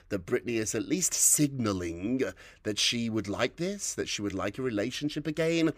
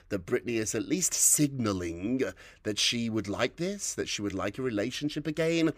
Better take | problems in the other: neither | none

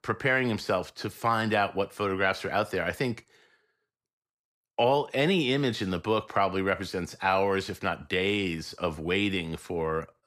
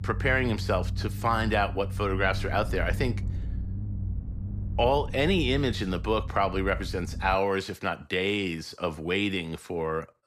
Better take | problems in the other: first | low rumble; faint; until 7.5 s; 20 dB below the speech

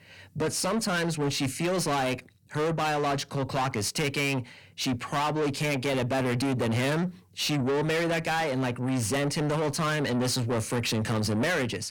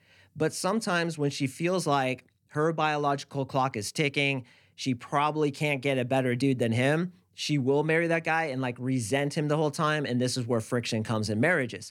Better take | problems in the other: second | distortion; heavy; 6 dB below the speech

